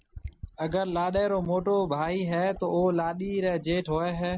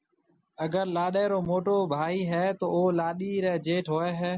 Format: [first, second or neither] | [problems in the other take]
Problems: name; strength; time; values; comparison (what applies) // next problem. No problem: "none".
second | background sound (Fill (with liquid)); 18 dB below the speech